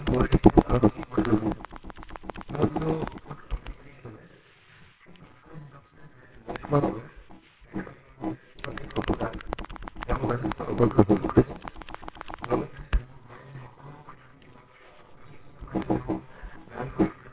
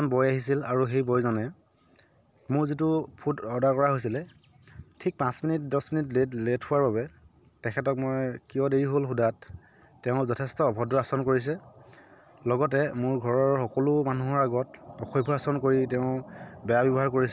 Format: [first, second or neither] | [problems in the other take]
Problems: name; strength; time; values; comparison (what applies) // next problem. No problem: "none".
second | noise reduction (neural separator model SepFormer WHAMR!)